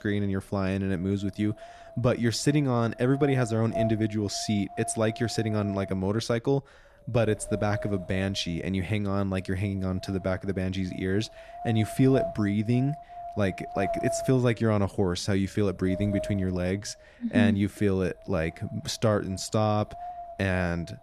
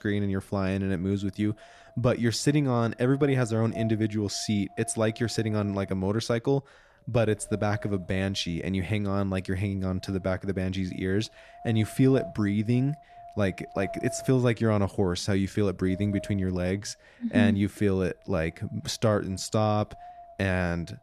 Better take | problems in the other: second | wind noise on the microphone; heavy; 7 dB below the speech; occasional gusts in the second

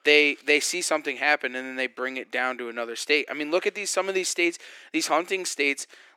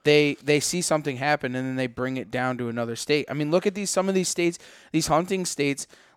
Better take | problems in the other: second | thin; somewhat; fading below 300 Hz

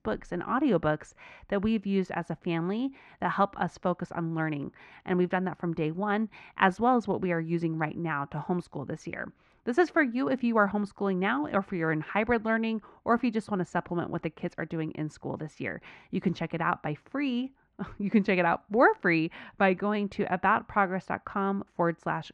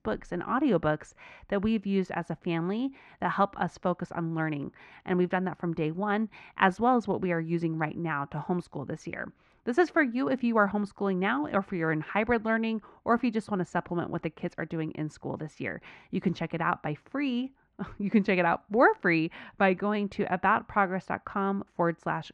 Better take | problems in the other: neither | muffled; very; fading above 1.5 kHz; the same in both

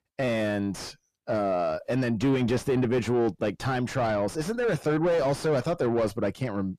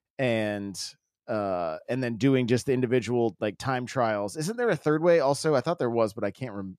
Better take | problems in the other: second | distortion; heavy; 6 dB below the speech

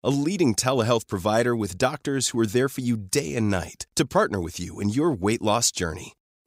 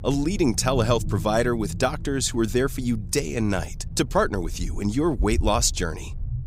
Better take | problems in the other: first | low rumble; faint; throughout; 20 dB below the speech

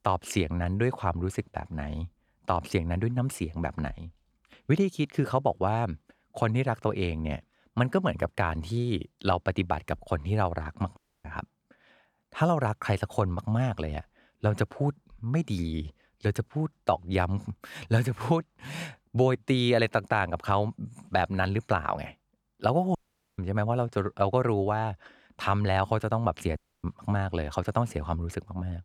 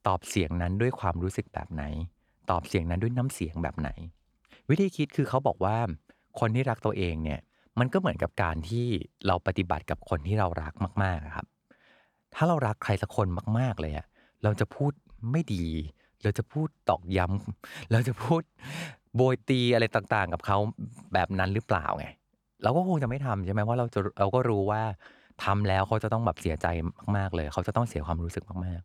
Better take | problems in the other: second | audio cutting out; at 11 s, at 23 s and at 27 s

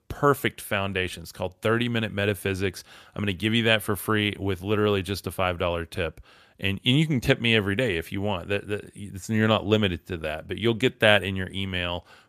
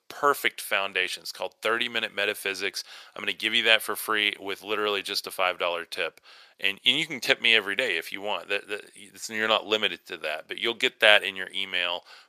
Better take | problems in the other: first | thin; very; fading below 550 Hz

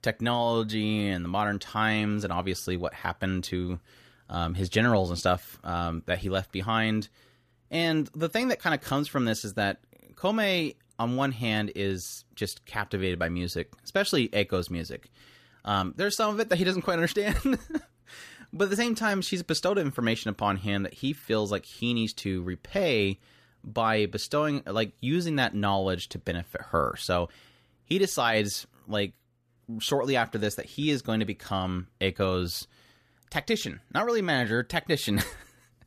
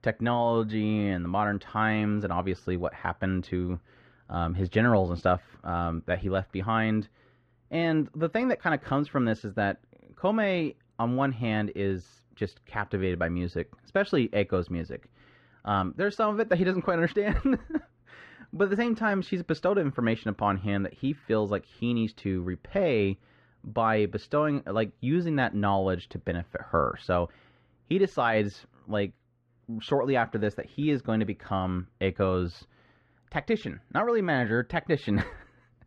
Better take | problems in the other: first | muffled; very; fading above 2 kHz

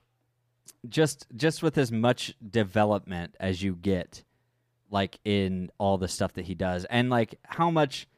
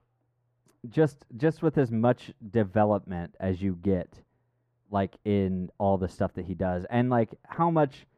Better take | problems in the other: first | muffled; very; fading above 2.5 kHz

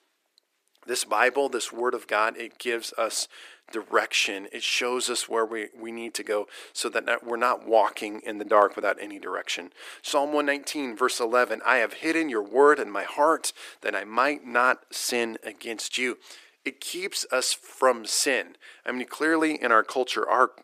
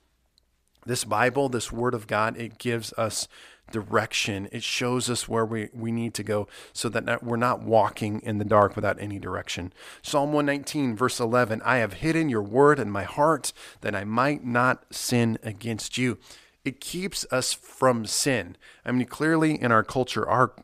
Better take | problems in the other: second | thin; somewhat; fading below 350 Hz

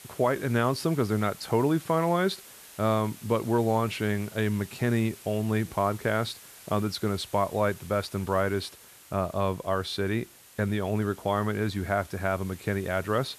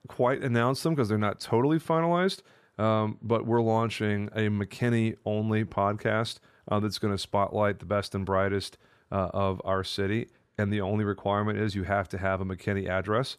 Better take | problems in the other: second | hiss; noticeable; throughout; 20 dB below the speech

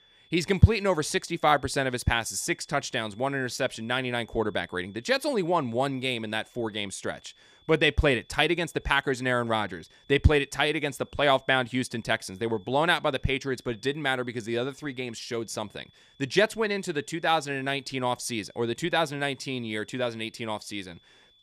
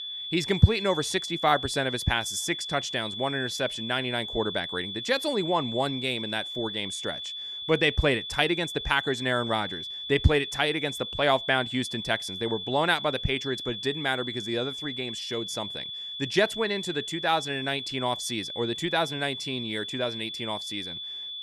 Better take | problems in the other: first | high-pitched whine; loud; throughout; 3.5 kHz, 6 dB below the speech; faint in the first

